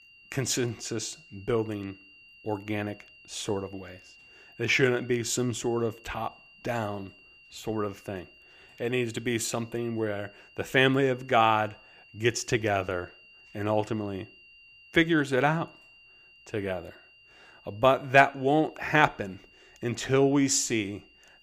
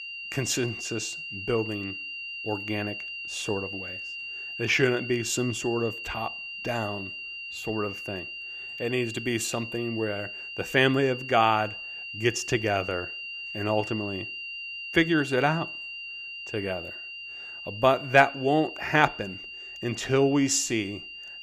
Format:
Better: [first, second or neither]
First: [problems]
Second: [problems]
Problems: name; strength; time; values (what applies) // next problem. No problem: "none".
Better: first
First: high-pitched whine; faint; throughout; 3 kHz, 25 dB below the speech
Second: high-pitched whine; loud; throughout; 3 kHz, 8 dB below the speech